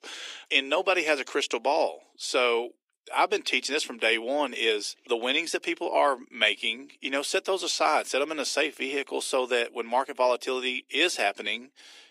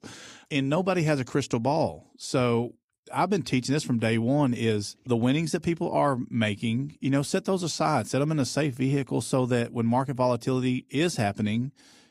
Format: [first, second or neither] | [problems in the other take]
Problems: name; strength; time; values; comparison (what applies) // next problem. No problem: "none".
second | thin; very; fading below 350 Hz